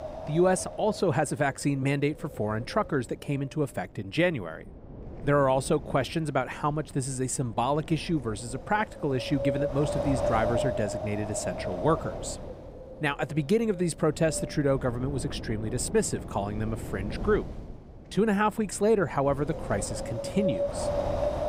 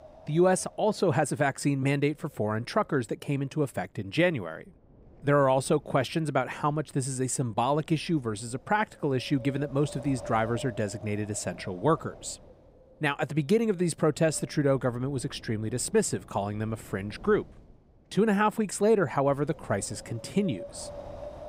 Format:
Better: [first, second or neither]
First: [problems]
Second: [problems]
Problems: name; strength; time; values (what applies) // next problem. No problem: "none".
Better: second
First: wind noise on the microphone; heavy; 5 dB below the speech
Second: wind noise on the microphone; occasional gusts; 20 dB below the speech